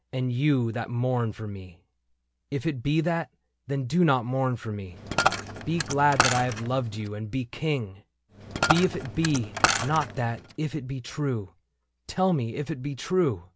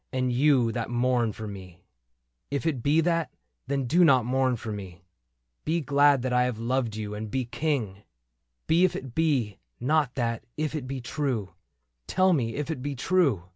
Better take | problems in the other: second | background sound (Coin (dropping)); 1 dB below the speech

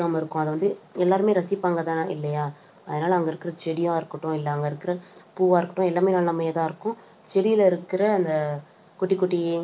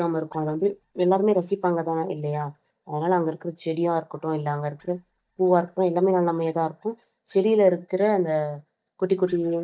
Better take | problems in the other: first | noise reduction (neural mask model DeepFilterNet 3)

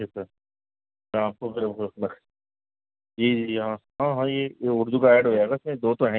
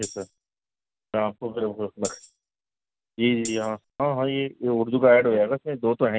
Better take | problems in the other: first | background sound (Tambourine); 18 dB below the speech

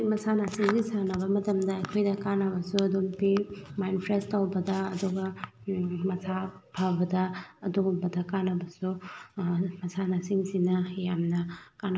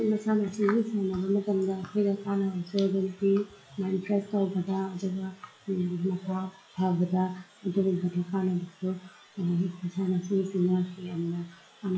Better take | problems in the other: first | noise reduction (classical method log-MMSE)

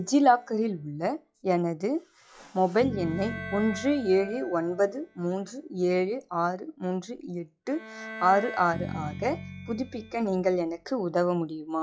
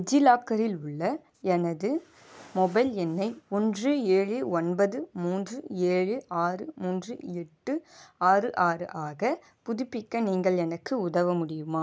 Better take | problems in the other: second | noise reduction (classical method log-MMSE)

